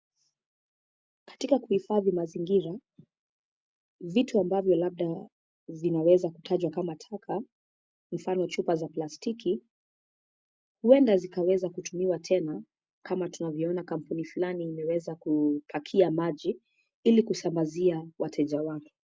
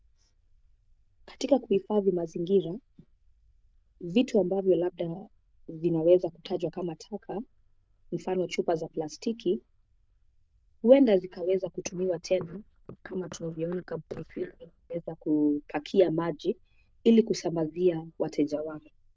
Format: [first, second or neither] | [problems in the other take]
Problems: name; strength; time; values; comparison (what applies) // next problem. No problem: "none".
first | noise reduction (neural diffusion model UNIVERSE++)